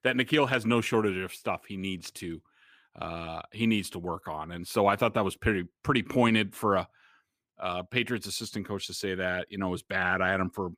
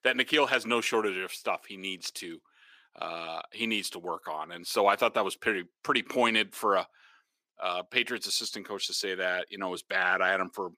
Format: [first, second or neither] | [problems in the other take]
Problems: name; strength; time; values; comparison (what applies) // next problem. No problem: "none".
first | thin; somewhat; fading below 400 Hz